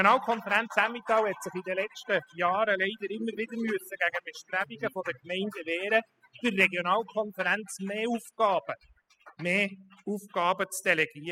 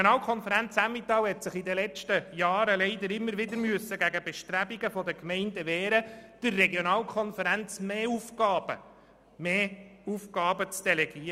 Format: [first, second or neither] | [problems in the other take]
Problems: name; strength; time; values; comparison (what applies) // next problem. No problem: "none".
second | noise reduction (classical method spectral subtraction)